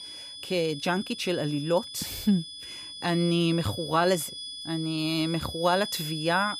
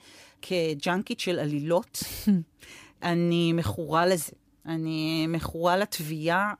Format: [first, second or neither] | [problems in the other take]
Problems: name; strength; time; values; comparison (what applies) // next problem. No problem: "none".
second | high-pitched whine; loud; throughout; 3.5 kHz, 9 dB below the speech